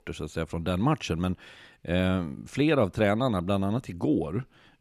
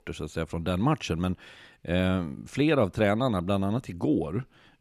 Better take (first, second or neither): neither